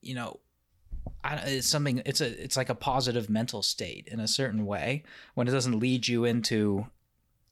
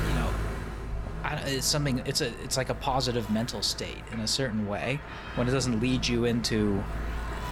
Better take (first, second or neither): first